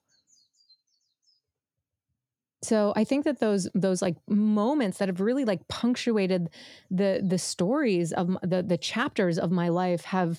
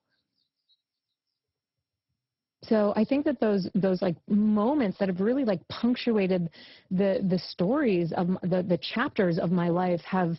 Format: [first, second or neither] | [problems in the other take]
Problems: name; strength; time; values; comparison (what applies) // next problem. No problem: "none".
first | garbled, watery; badly; nothing above 5.5 kHz